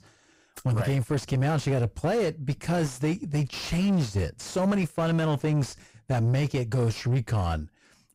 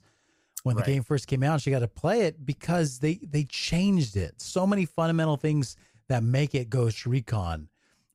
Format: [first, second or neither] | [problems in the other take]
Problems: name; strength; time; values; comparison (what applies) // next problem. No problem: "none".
second | distortion; slight; 10 dB below the speech